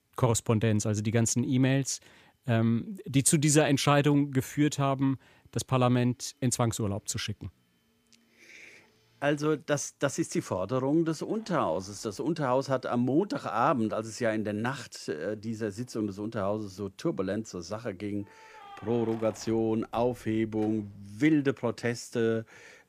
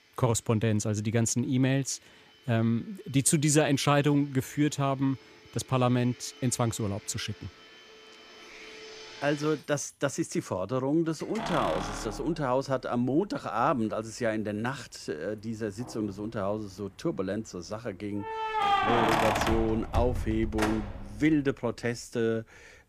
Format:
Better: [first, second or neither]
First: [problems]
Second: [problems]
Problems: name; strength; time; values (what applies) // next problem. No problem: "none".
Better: first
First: household noises; faint; throughout; 25 dB below the speech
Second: household noises; loud; throughout; 2 dB below the speech